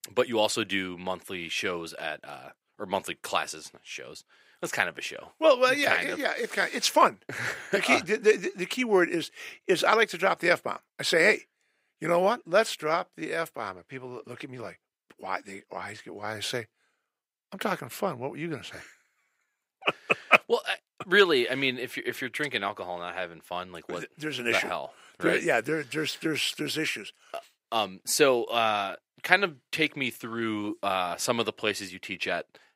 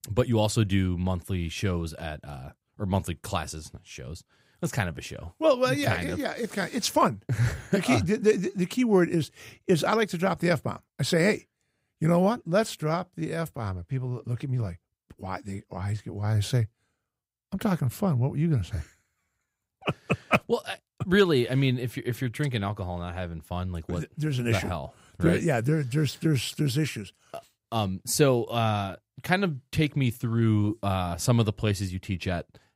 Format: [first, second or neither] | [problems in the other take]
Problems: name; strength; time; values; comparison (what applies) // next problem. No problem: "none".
second | thin; somewhat; fading below 400 Hz